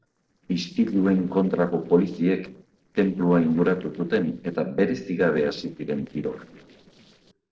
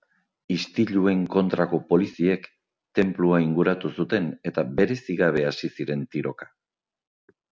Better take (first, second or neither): second